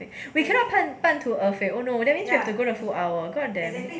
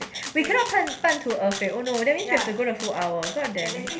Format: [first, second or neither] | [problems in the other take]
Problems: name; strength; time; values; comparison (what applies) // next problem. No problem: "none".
first | background sound (Rattle (instrument)); 11 dB below the speech